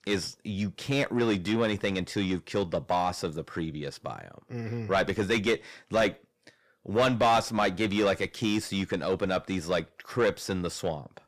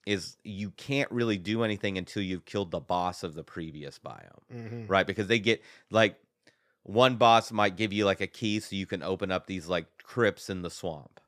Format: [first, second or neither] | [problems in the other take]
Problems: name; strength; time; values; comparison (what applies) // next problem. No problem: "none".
second | distortion; heavy; 6 dB below the speech